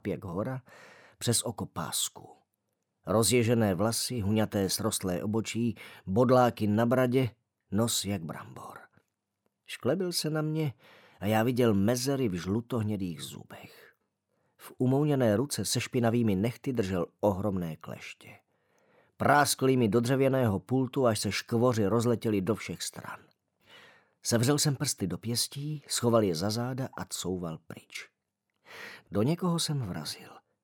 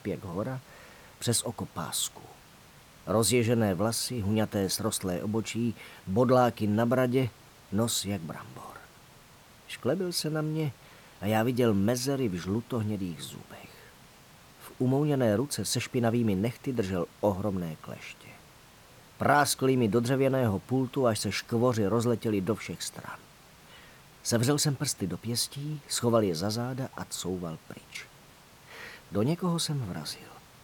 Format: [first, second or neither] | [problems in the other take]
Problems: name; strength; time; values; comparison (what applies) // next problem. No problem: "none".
first | hiss; faint; throughout; 25 dB below the speech